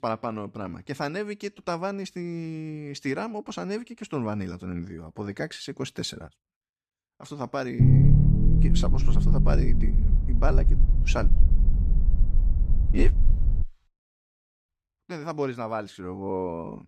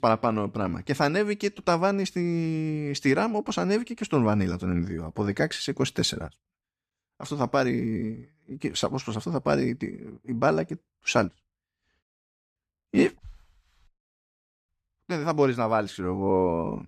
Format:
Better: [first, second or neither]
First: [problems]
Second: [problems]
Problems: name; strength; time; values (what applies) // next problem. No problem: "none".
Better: second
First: low rumble; loud; from 8 to 14 s; 3 dB below the speech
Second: none